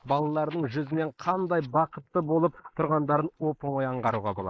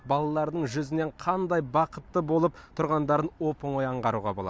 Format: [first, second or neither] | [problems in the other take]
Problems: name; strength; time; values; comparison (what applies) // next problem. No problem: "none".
second | noise reduction (neural mask model Resemble Enhance denoiser)